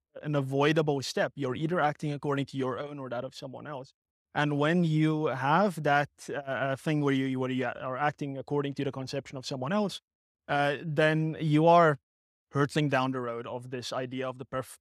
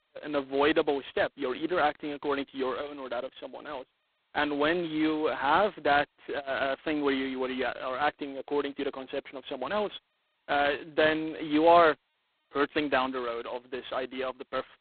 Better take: first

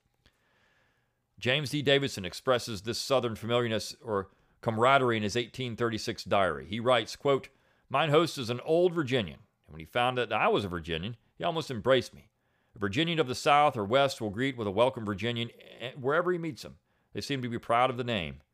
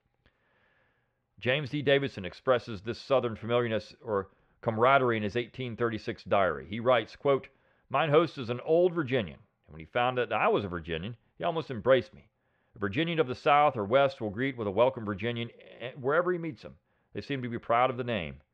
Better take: first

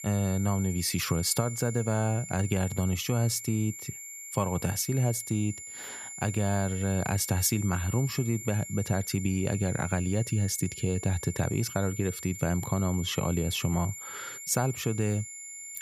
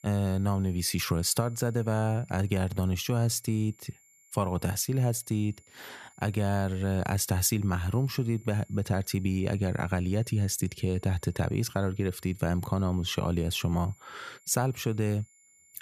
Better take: second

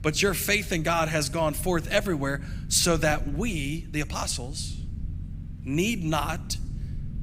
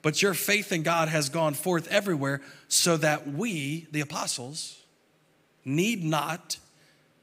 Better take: second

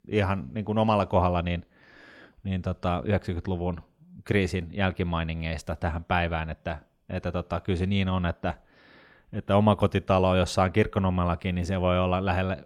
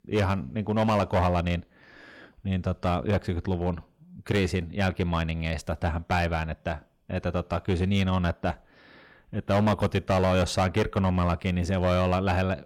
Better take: first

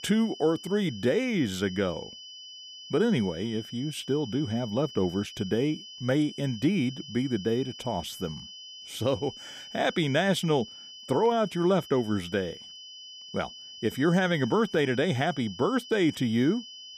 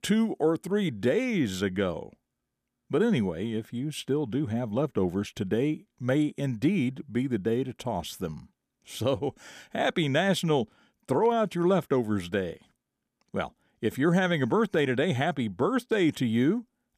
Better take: second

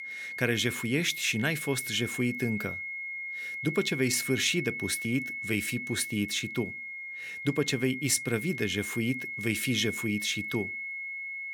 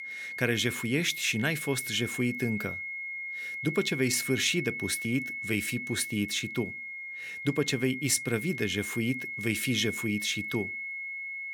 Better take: neither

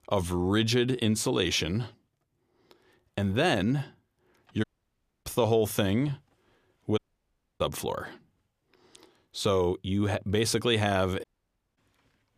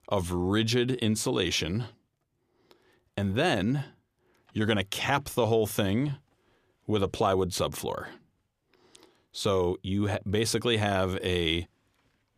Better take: second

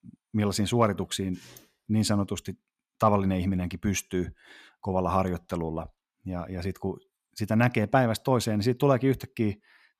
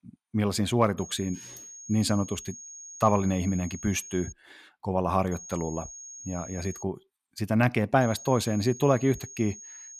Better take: first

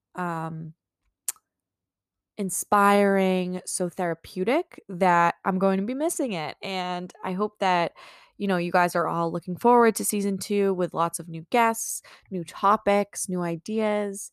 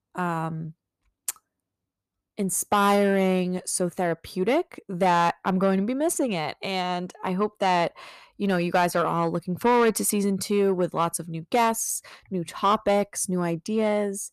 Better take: first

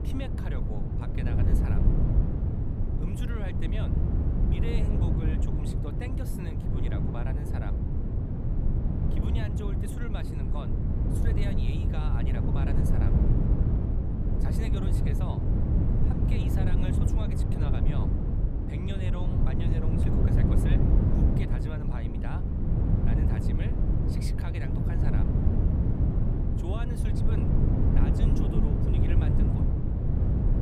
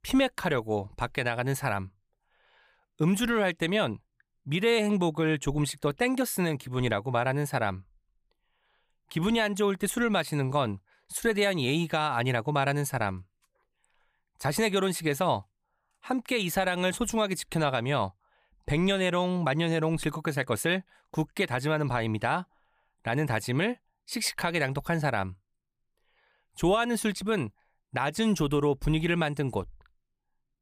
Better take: second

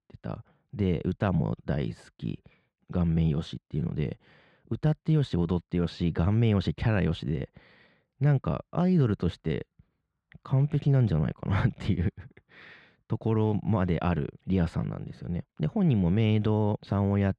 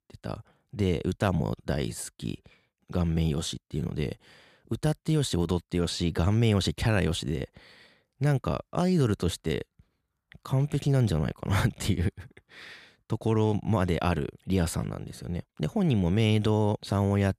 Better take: second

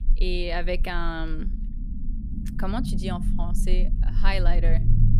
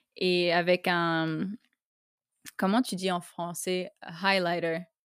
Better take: second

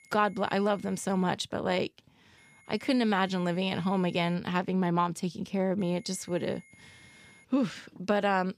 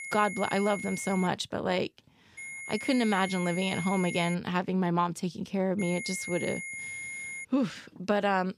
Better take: first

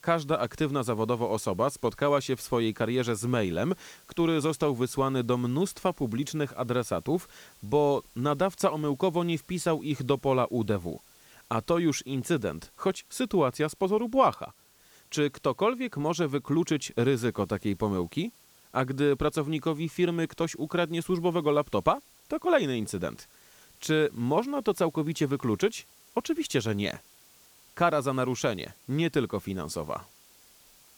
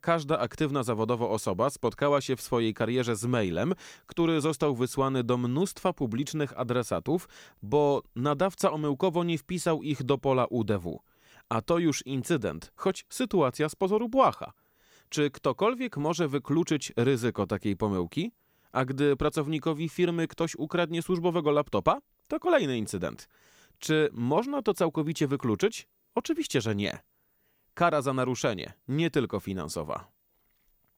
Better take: second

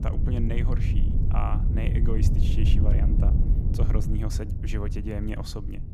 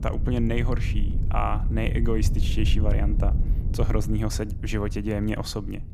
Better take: second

